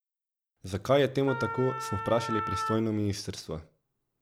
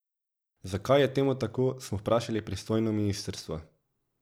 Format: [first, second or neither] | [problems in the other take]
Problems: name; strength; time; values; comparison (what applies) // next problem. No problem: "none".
second | background sound (Wind instrument, woodwind instrument); 5 dB below the speech